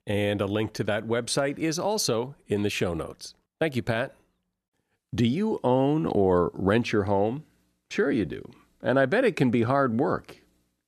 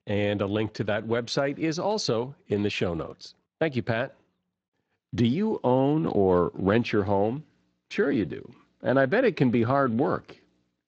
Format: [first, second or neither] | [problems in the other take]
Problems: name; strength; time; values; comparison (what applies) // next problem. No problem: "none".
first | garbled, watery; slightly